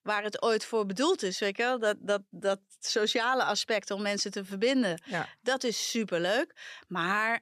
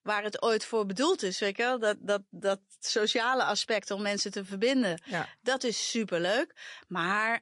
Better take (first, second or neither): first